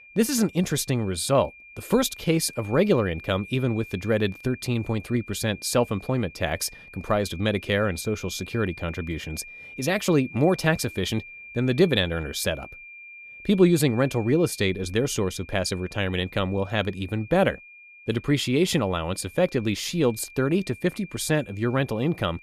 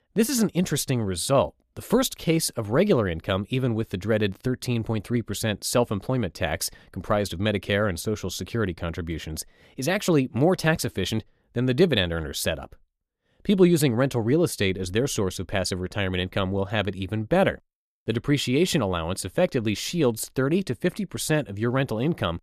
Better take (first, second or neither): second